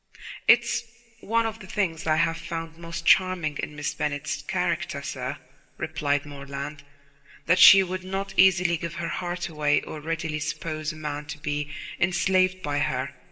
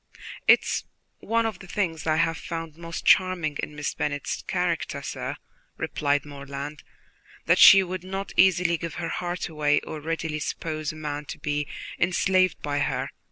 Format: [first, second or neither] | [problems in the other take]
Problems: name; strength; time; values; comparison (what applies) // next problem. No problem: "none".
second | room echo; dies away in 1.7 s